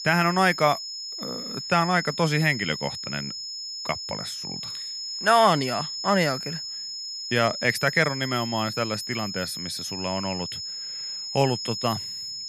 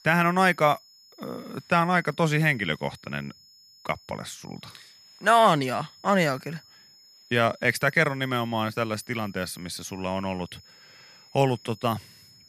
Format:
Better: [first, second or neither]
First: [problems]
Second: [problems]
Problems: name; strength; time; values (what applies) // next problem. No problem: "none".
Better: second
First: high-pitched whine; loud; throughout; 5 kHz, 6 dB below the speech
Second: high-pitched whine; faint; throughout; 5 kHz, 25 dB below the speech